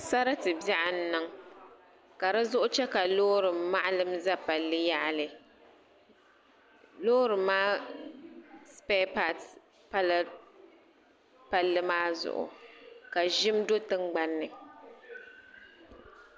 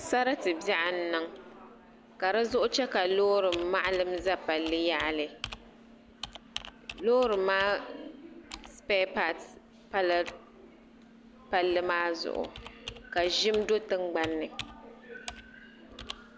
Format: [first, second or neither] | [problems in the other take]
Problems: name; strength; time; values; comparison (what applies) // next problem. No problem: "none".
first | background sound (Computer keyboard); 17 dB below the speech